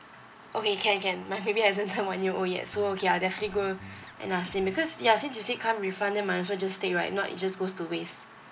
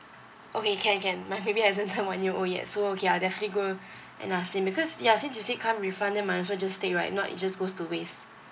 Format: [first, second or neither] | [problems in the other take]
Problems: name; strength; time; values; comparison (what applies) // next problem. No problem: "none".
second | background sound (Guitar); 20 dB below the speech